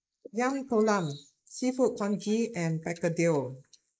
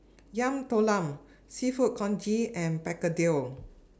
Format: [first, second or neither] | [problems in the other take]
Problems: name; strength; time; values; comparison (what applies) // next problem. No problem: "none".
second | noise reduction (neural mask model Resemble Enhance denoiser)